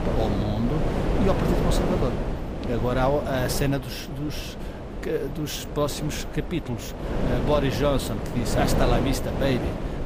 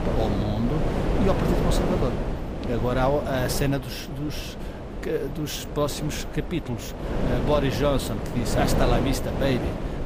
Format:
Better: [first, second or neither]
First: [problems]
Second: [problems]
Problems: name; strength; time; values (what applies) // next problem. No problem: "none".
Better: neither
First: wind noise on the microphone; heavy; 3 dB below the speech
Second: wind noise on the microphone; heavy; 3 dB below the speech